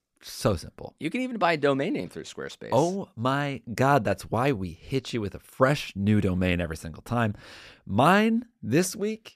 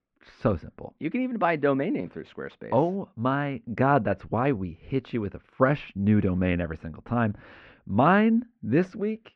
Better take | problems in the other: first | muffled; very; fading above 2.5 kHz

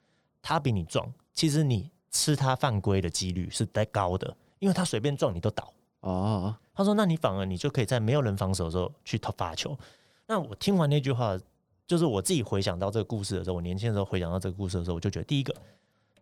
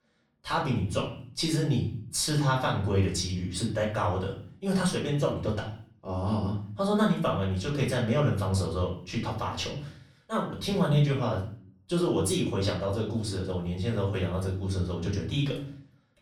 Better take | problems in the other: first | off-mic speech; far // room echo; slight; dies away in 0.5 s

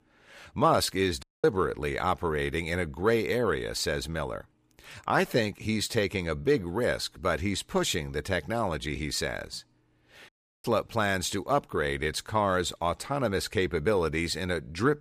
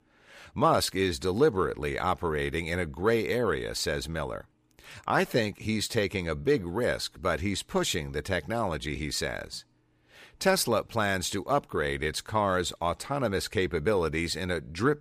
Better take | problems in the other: second | audio cutting out; at 1 s and at 10 s

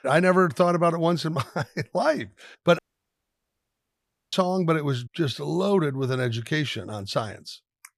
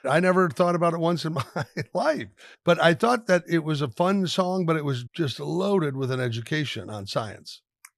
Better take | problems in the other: second | audio cutting out; at 3 s for 1.5 s

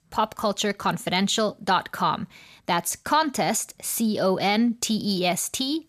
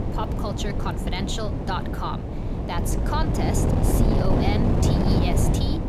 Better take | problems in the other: first | wind noise on the microphone; heavy; 1 dB above the speech

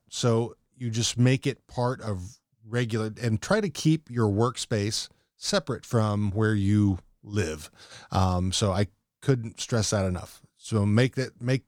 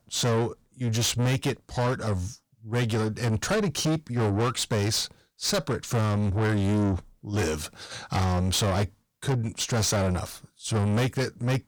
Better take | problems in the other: first | distortion; heavy; 6 dB below the speech

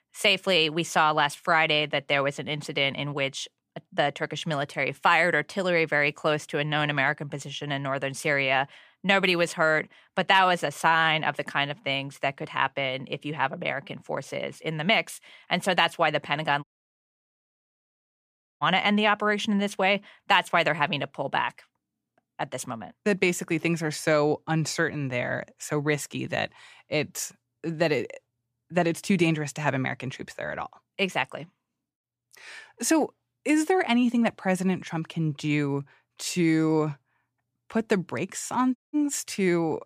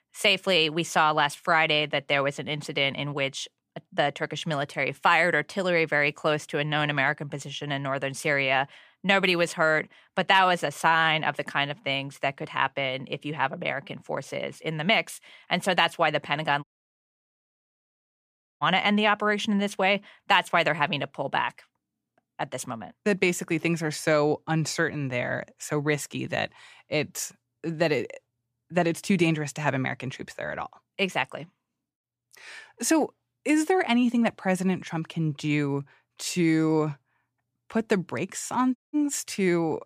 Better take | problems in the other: neither | audio cutting out; at 17 s for 2 s and at 39 s; the same in both

